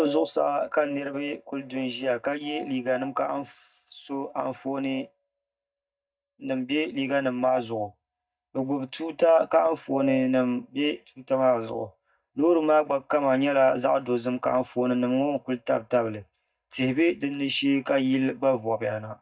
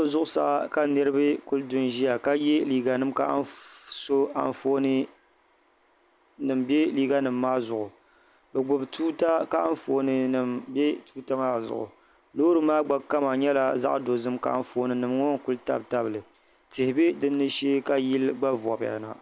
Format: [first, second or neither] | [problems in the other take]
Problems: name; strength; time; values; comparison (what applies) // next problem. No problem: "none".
second | noise reduction (neural mask model DeepFilterNet 3)